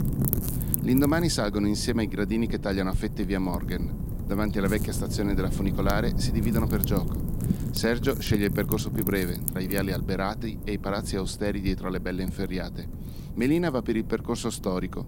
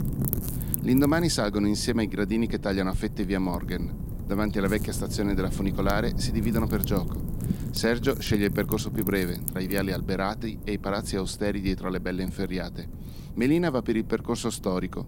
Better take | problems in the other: second | wind noise on the microphone; heavy; 10 dB below the speech; occasional gusts in the second

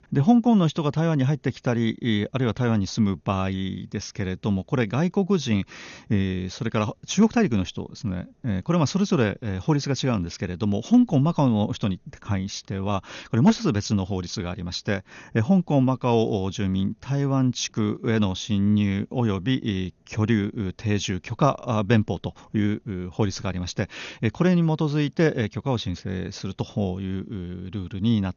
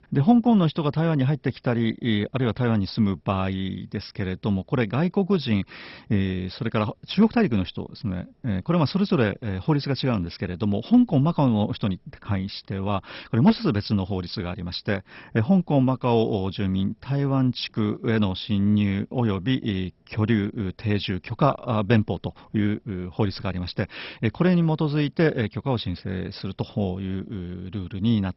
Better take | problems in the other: first | garbled, watery; badly; nothing above 5.5 kHz; slightly in the first

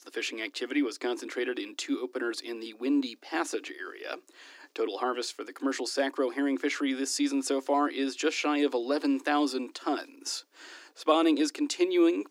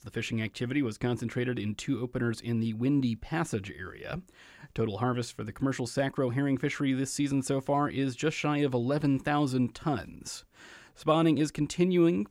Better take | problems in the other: second | thin; very slightly; fading below 300 Hz

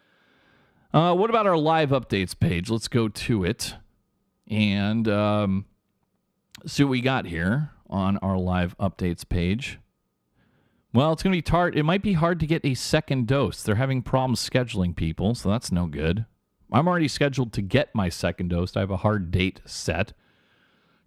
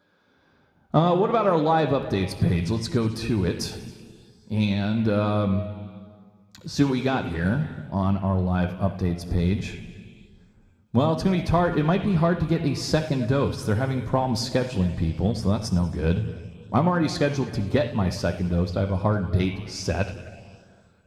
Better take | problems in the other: first | room echo; slight; dies away in 1.8 s

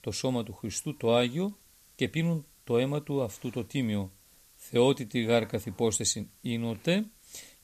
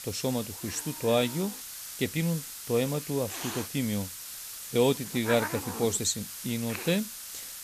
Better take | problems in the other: first | hiss; loud; throughout; 7 dB below the speech; faint in the first

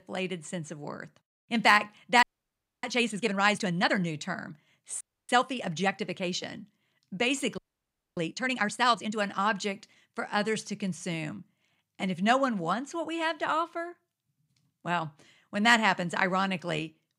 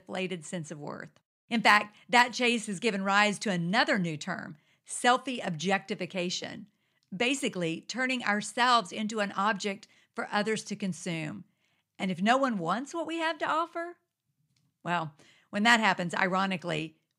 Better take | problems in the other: second | audio freezing; at 2 s for 0.5 s, at 5 s and at 7.5 s for 0.5 s

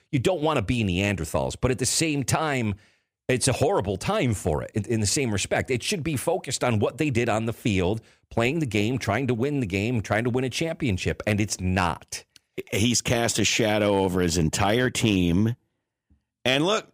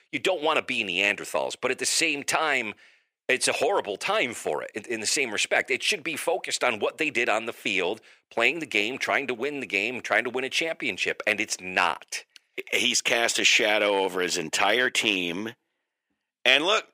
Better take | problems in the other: first | thin; somewhat; fading below 450 Hz

